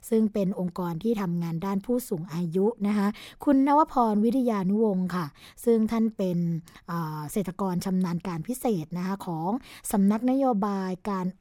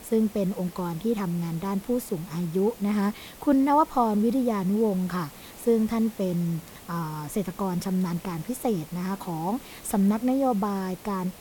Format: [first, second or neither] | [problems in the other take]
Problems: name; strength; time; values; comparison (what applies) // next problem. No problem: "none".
first | hiss; noticeable; throughout; 20 dB below the speech